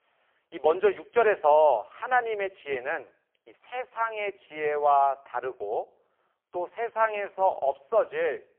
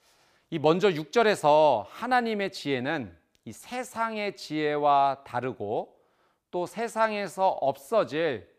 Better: second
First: phone-call audio; poor line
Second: none

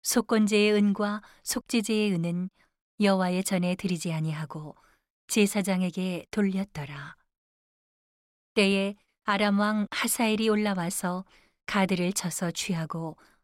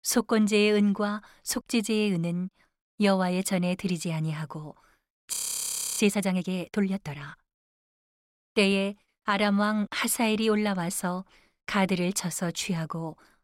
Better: first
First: none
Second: audio freezing; at 5.5 s for 0.5 s

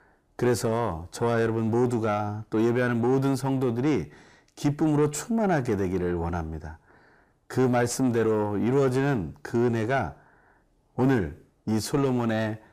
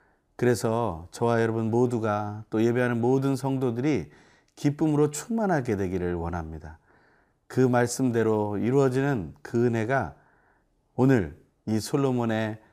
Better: second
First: distortion; slight; 9 dB below the speech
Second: none

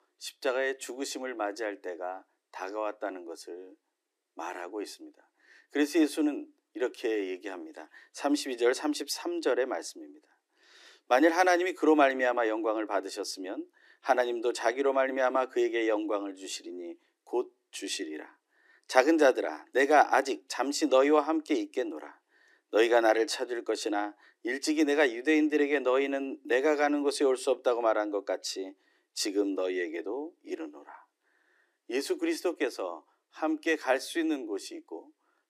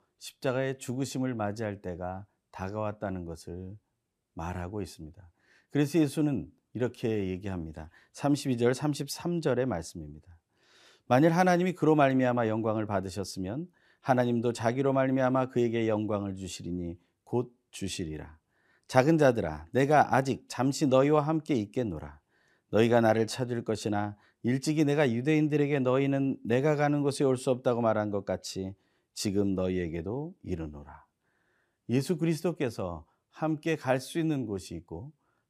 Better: second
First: thin; somewhat; fading below 300 Hz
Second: none

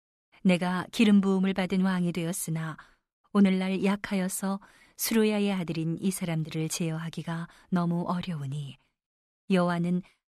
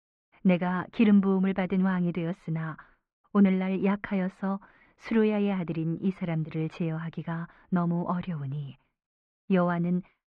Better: first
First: none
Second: muffled; very; fading above 2 kHz

